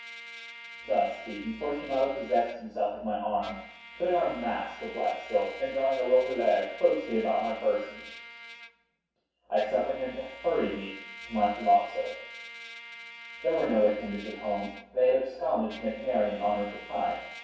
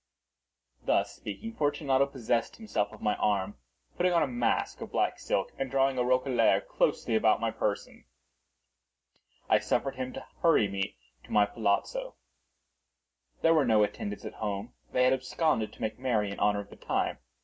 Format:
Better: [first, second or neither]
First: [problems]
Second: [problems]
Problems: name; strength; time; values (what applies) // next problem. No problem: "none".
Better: second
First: background sound (Trumpet); 16 dB below the speech // room echo; dies away in 0.7 s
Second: none